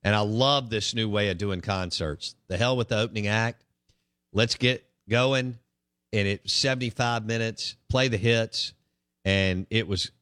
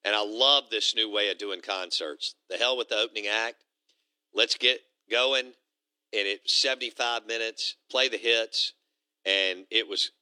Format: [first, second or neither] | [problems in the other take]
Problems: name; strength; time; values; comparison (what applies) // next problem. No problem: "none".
first | thin; very; fading below 300 Hz